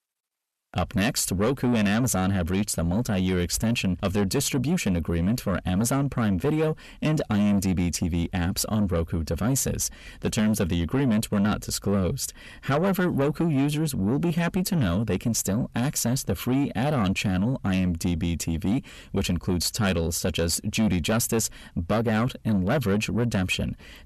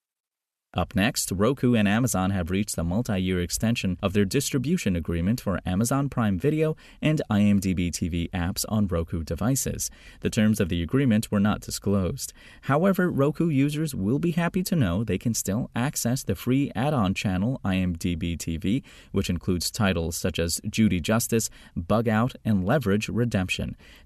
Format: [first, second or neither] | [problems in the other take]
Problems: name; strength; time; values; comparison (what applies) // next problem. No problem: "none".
second | distortion; slight; 10 dB below the speech